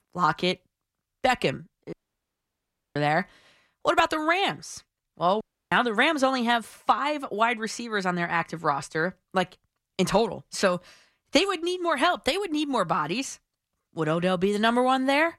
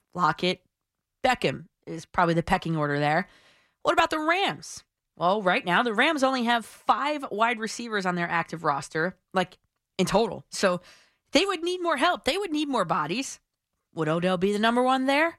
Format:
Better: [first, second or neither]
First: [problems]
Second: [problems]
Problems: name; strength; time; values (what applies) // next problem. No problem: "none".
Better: second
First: audio cutting out; at 2 s for 1 s and at 5.5 s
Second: none